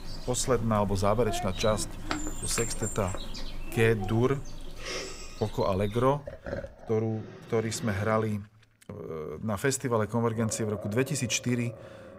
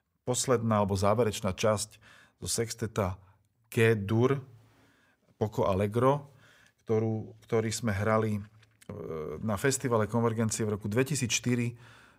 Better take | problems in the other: second | animal sounds; noticeable; throughout; 10 dB below the speech

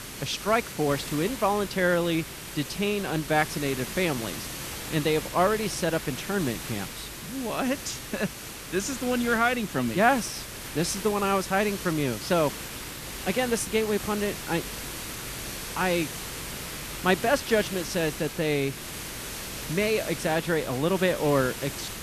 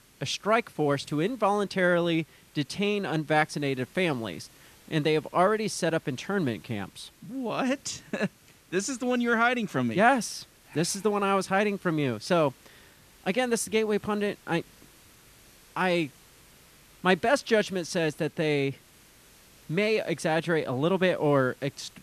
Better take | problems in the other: second | hiss; loud; throughout; 8 dB below the speech; faint in the second

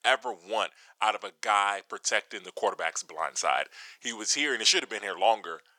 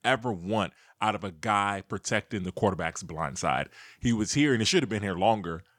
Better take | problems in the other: second | thin; very; fading below 500 Hz

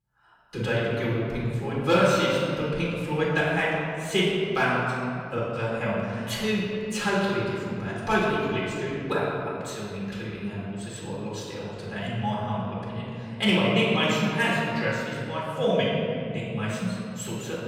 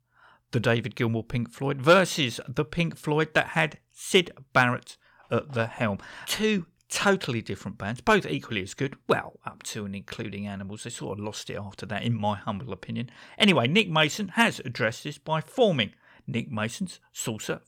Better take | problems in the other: second | off-mic speech; far // room echo; strong; dies away in 2.4 s

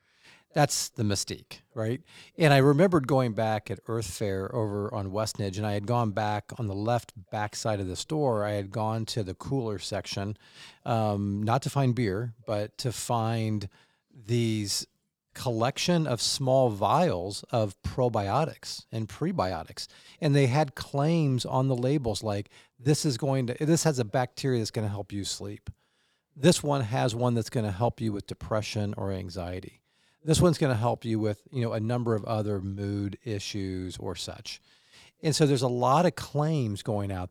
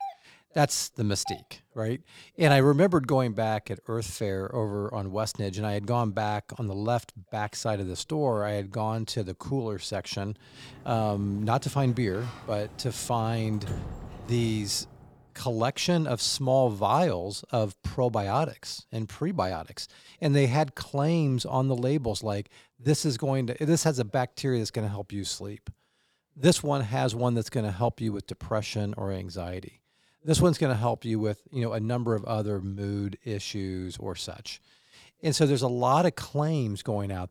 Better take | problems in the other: first | doorbell; faint; until 2.5 s; peak 10 dB below the speech // door banging; noticeable; from 11 to 15 s; peak 8 dB below the speech

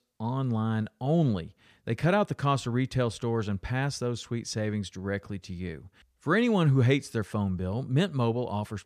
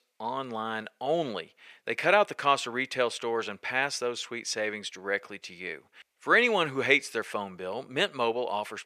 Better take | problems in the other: first | thin; very; fading below 550 Hz

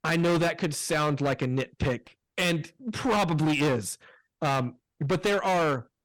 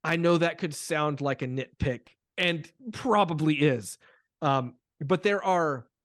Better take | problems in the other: second | distortion; heavy; 18% of the sound clipped

